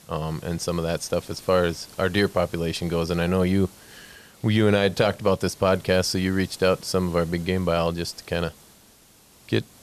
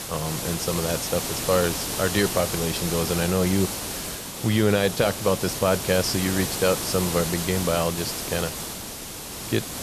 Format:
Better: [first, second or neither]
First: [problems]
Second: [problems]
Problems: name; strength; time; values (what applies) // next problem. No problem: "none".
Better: first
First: hiss; faint; throughout; 25 dB below the speech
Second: hiss; loud; throughout; 4 dB below the speech